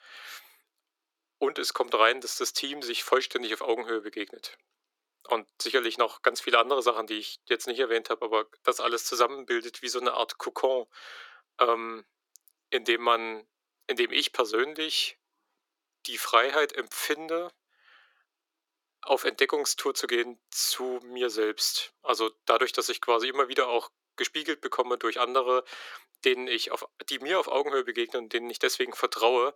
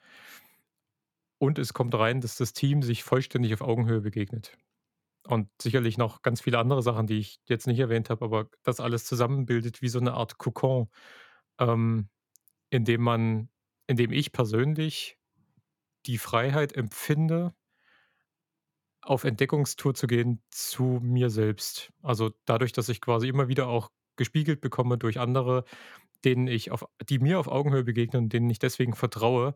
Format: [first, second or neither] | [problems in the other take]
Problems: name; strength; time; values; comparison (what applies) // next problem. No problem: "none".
second | thin; very; fading below 350 Hz